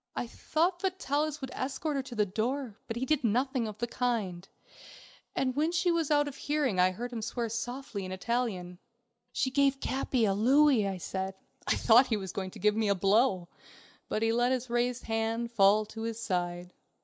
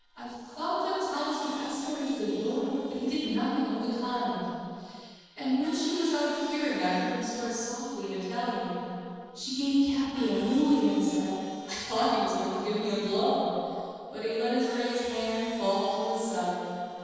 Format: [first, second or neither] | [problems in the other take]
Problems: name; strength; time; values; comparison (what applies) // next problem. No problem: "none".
first | noise reduction (neural separator model SepFormer DNS4)